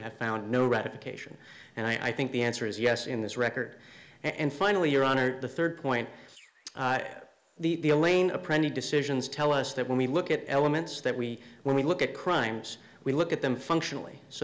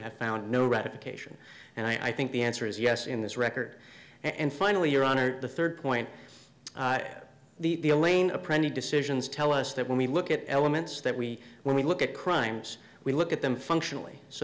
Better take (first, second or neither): second